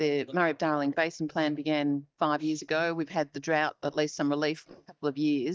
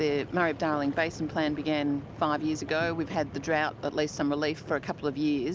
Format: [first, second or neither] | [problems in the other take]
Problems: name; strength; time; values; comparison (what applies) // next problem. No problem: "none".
second | noise reduction (neural mask model DeepFilterNet 3)